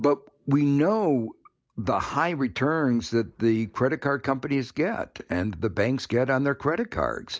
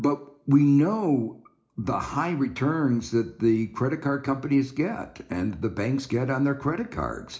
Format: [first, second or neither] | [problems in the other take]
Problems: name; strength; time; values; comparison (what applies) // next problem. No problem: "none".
first | room echo; dies away in 0.4 s